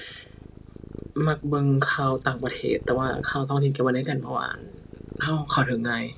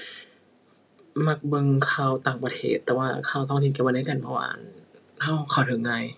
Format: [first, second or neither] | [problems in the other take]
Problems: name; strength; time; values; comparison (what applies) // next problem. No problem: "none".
second | background sound (Purr); 17 dB below the speech